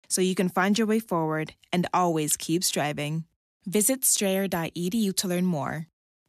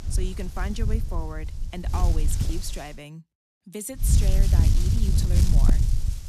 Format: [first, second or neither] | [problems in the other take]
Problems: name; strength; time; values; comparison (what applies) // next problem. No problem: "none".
first | wind noise on the microphone; heavy; until 3 s and from 4 s on; 1 dB below the speech